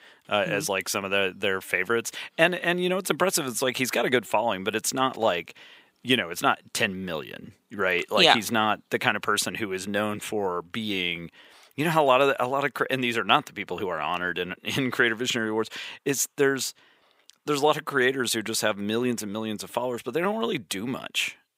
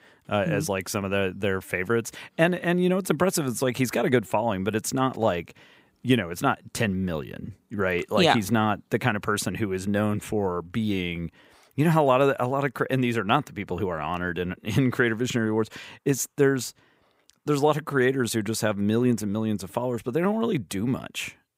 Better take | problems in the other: second | thin; very slightly; fading below 1 kHz

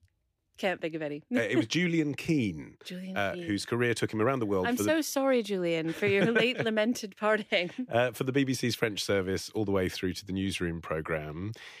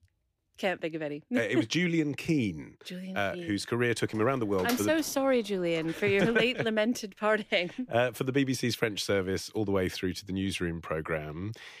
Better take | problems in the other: first | door banging; noticeable; from 4 to 6.5 s; peak 8 dB below the speech

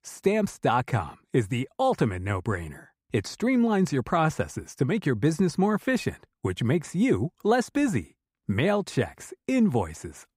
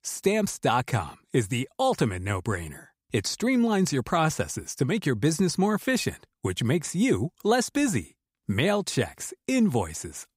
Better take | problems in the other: second | muffled; slightly; fading above 3 kHz

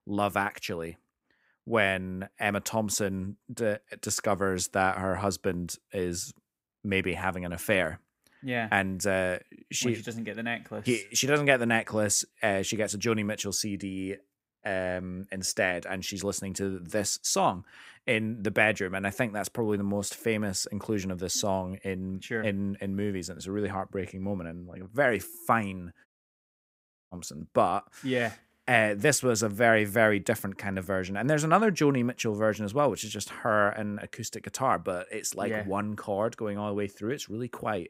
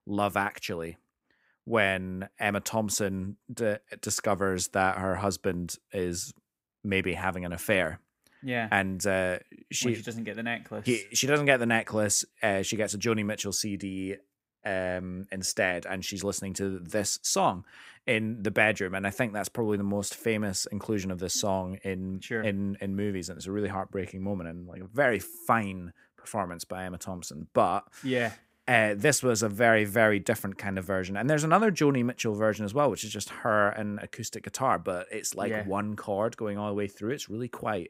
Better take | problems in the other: second | audio cutting out; at 26 s for 1 s

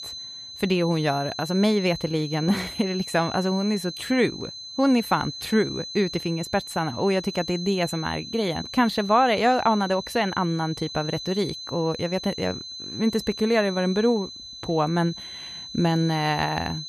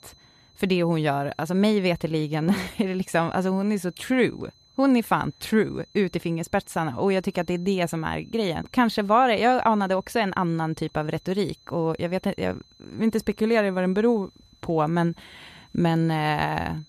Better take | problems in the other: second | high-pitched whine; loud; throughout; 4 kHz, 10 dB below the speech; faint in the second

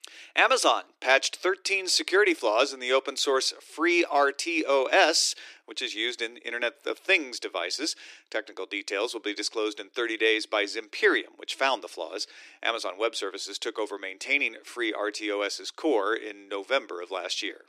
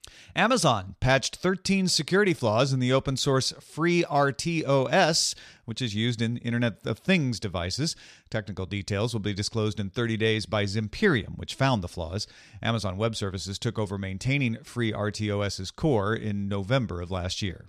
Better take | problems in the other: second | thin; very; fading below 300 Hz

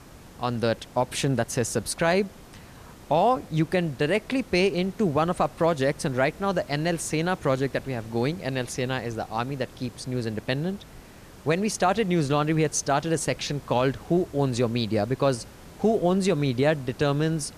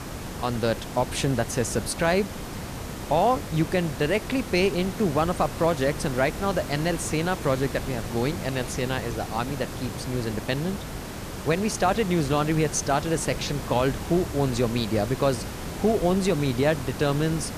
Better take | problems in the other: first | hiss; loud; throughout; 9 dB below the speech; faint in the first

